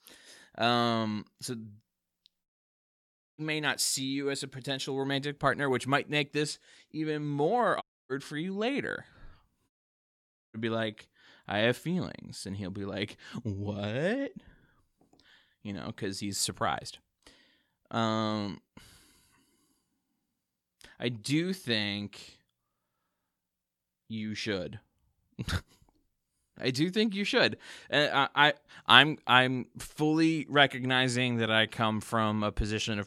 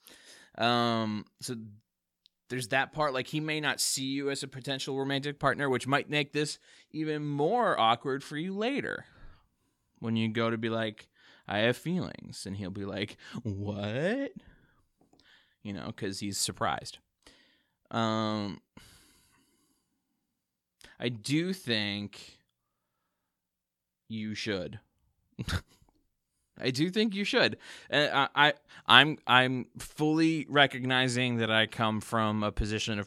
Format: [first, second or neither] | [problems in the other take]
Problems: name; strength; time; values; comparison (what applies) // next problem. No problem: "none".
second | audio cutting out; at 2.5 s for 1 s, at 8 s and at 9.5 s for 1 s